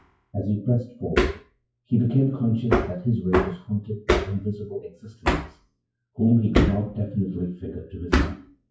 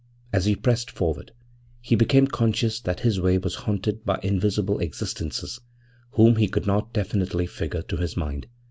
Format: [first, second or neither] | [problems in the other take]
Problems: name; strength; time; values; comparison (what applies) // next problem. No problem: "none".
second | noise reduction (classical method WPE with log-MMSE)